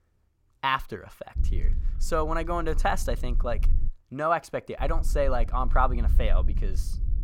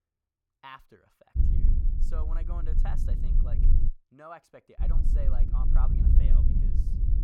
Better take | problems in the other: first | low rumble; loud; from 1.5 to 4 s and from 5 s on; 1 dB below the speech; faint in the first

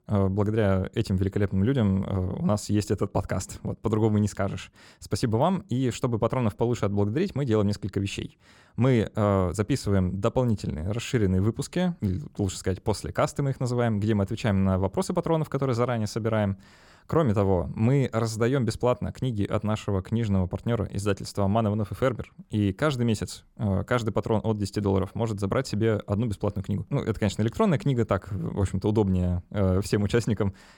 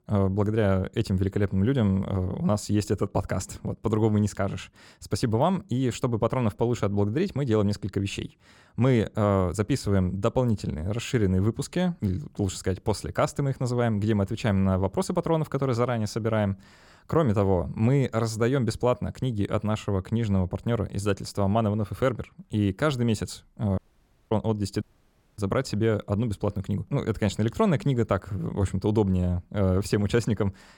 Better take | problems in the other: first | audio cutting out; at 24 s for 0.5 s and at 25 s for 0.5 s

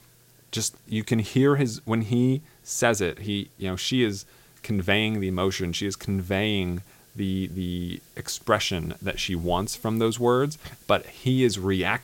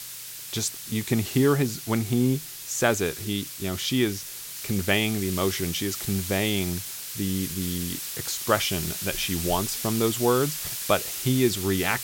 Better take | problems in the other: first | hiss; loud; throughout; 5 dB below the speech; faint in the first

